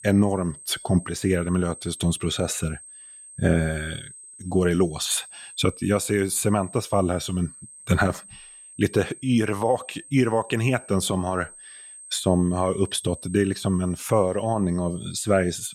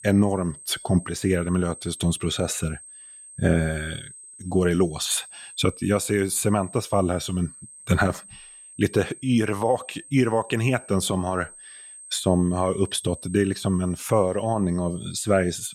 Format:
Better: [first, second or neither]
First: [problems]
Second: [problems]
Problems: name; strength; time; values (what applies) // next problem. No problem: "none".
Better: neither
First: high-pitched whine; noticeable; throughout; 8.5 kHz, 15 dB below the speech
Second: high-pitched whine; noticeable; throughout; 8.5 kHz, 15 dB below the speech